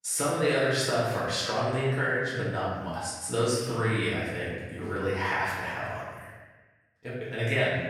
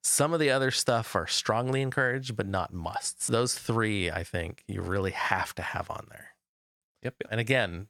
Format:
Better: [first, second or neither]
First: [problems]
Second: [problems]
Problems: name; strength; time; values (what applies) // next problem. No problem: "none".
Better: second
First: room echo; strong; dies away in 1.3 s // off-mic speech; far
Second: none